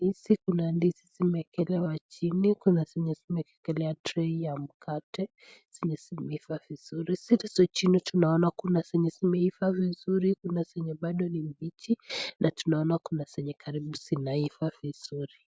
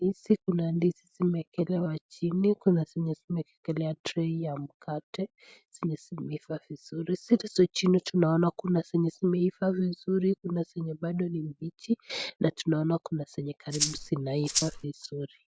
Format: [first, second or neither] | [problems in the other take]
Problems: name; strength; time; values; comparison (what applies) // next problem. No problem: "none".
first | background sound (Rattle (instrument)); 2 dB below the speech